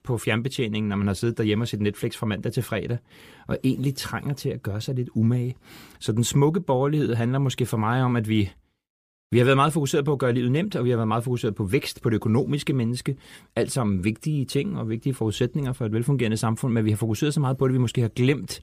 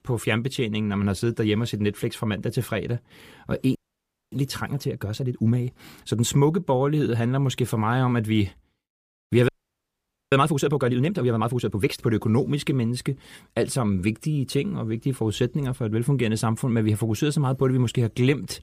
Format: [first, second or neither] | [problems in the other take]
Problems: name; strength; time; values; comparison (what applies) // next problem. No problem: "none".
first | audio freezing; at 4 s for 0.5 s and at 9.5 s for 1 s